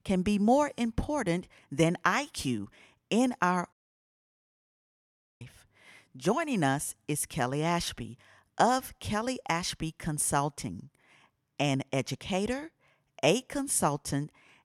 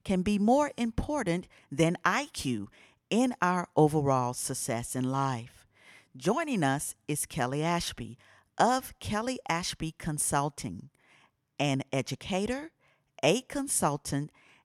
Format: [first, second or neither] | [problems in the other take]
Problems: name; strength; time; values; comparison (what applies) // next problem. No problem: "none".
second | audio cutting out; at 3.5 s for 1.5 s